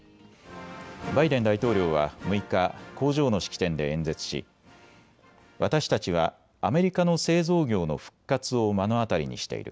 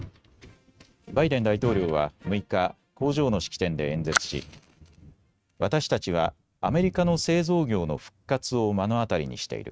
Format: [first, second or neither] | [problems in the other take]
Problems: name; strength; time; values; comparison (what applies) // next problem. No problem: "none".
first | noise reduction (neural mask model RNNoise)